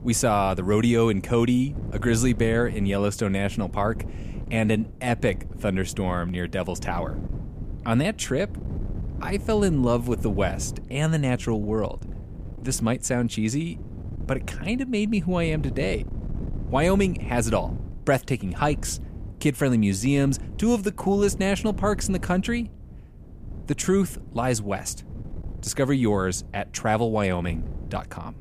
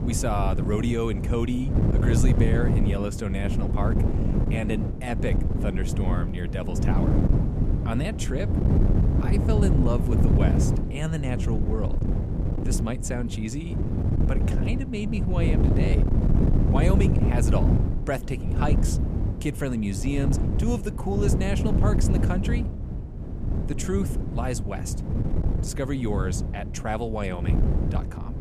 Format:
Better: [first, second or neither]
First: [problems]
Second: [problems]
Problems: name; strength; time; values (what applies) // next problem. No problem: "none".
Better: first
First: wind noise on the microphone; occasional gusts; 20 dB below the speech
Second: wind noise on the microphone; heavy; 2 dB below the speech